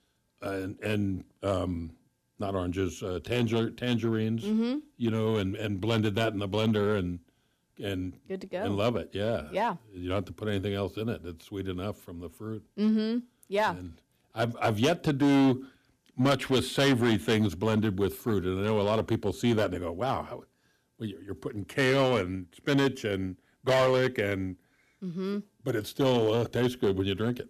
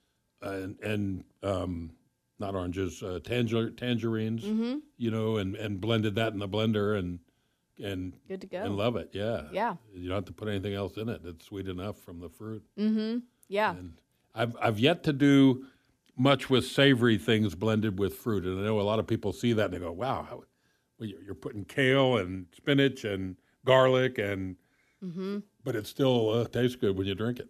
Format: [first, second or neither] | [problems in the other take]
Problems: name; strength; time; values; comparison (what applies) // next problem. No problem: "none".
second | distortion; slight; 4% of the sound clipped